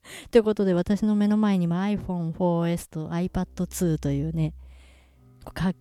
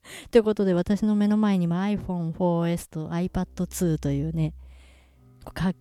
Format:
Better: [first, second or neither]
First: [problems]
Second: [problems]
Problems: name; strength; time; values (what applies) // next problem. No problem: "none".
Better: neither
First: background music; faint; from 3.5 s on; 20 dB below the speech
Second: background music; faint; from 3.5 s on; 20 dB below the speech